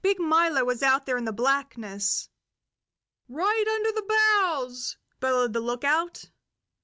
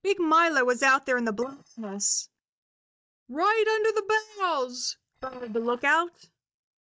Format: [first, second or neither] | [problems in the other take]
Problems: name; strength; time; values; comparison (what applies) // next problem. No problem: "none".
first | noise reduction (neural mask model DeepFilterNet 3)